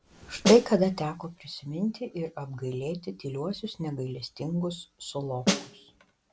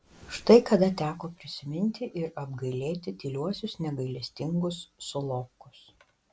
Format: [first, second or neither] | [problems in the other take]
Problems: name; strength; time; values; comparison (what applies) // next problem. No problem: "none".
second | background sound (Snare drum); 1 dB below the speech